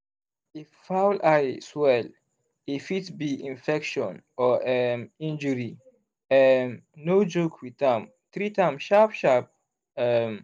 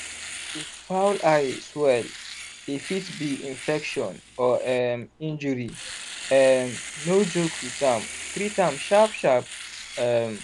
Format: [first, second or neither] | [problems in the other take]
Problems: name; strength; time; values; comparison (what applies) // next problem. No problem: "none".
first | background sound (Domestic sounds, home sounds); 13 dB below the speech